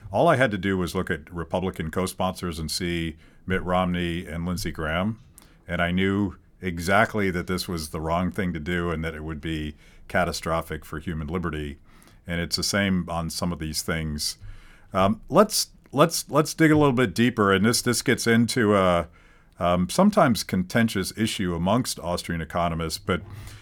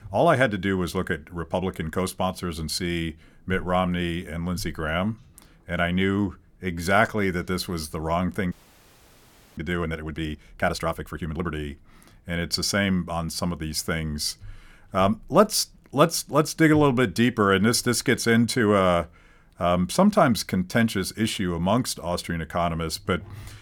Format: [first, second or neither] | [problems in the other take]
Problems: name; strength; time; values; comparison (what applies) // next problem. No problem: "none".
first | audio freezing; at 8.5 s for 1 s